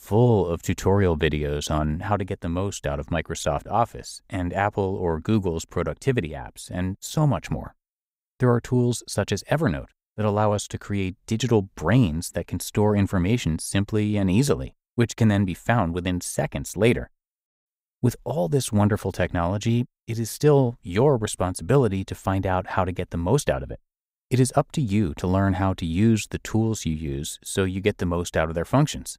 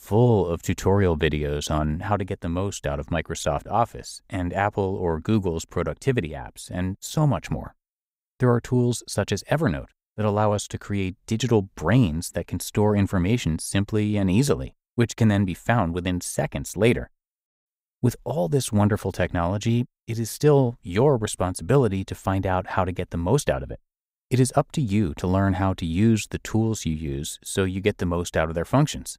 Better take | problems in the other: neither | none

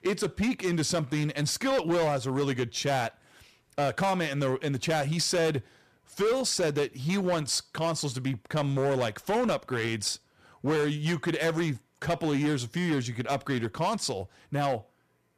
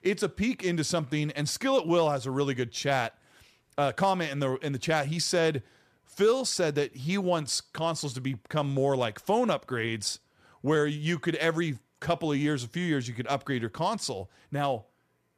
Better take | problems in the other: second | distortion; slight; 11% of the sound clipped

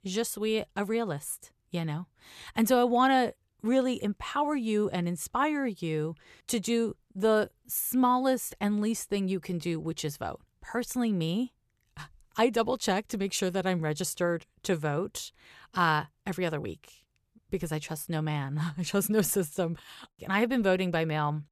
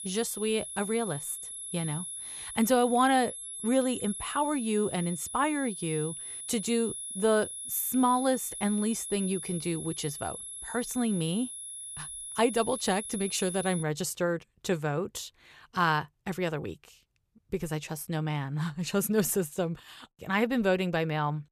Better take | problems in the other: first | high-pitched whine; loud; until 14 s; 11 kHz, 7 dB below the speech

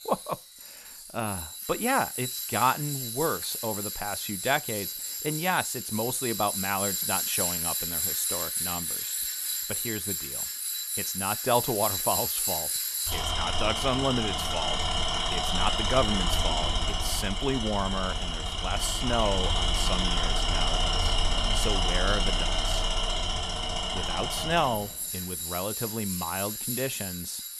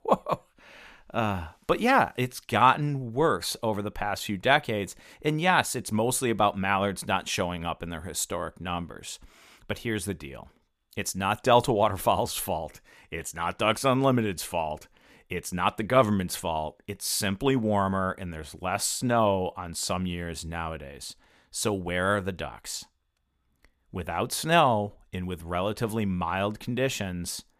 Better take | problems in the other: second | machinery noise; very loud; throughout; 3 dB above the speech

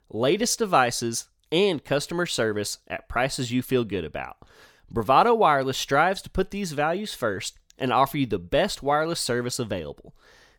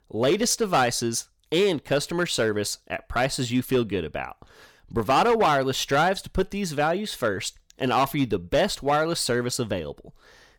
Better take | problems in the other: first | distortion; slight; 4% of the sound clipped

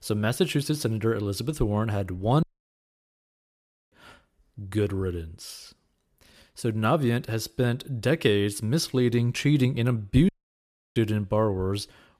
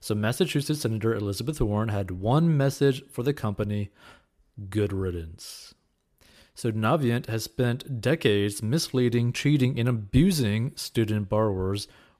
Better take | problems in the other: second | audio cutting out; at 2.5 s for 1.5 s and at 10 s for 0.5 s

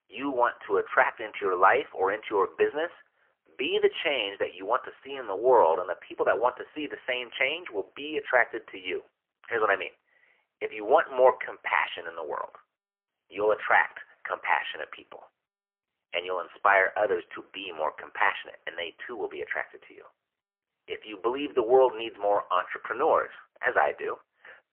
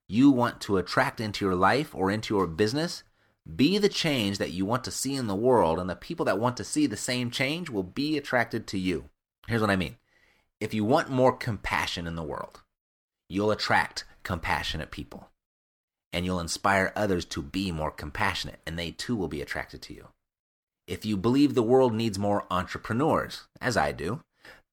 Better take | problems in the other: second | phone-call audio; poor line; nothing above 3 kHz

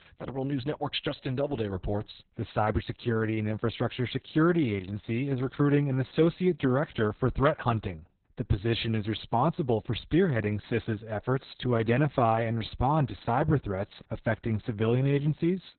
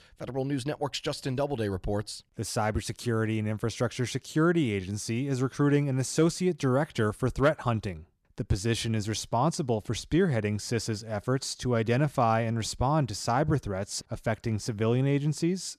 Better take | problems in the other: second | garbled, watery; badly; nothing above 4 kHz

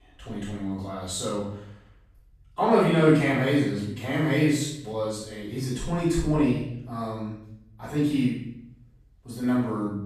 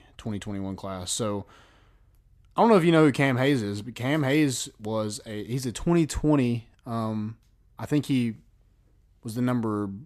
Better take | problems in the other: second | off-mic speech; far // room echo; noticeable; dies away in 0.6 s

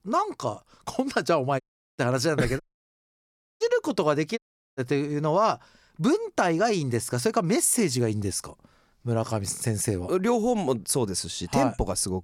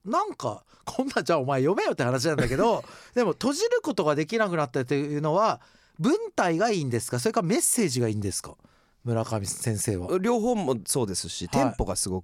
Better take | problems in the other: second | audio cutting out; at 1.5 s, at 2.5 s for 1 s and at 4.5 s

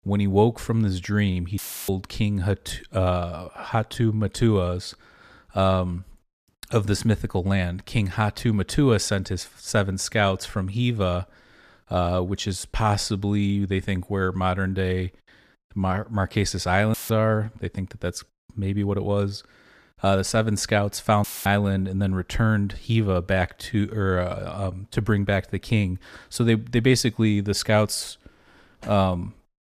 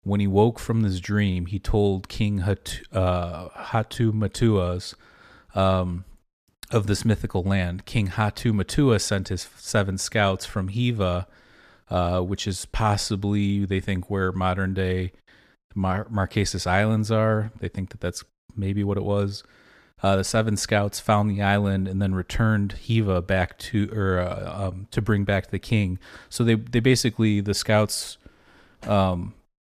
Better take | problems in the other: second | audio cutting out; filled with static; at 1.5 s, at 17 s and at 21 s

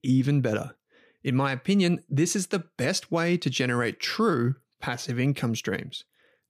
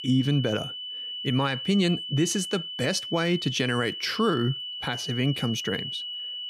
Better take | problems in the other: first | high-pitched whine; loud; throughout; 3 kHz, 6 dB below the speech

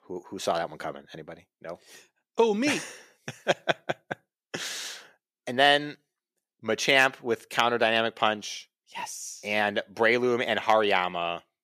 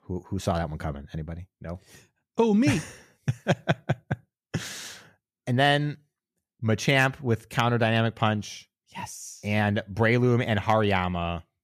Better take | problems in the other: second | thin; somewhat; fading below 400 Hz

